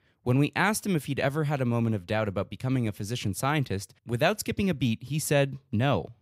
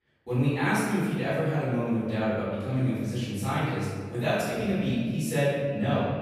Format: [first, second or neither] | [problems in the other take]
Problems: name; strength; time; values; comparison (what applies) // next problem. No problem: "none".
first | room echo; strong; dies away in 1.6 s // off-mic speech; far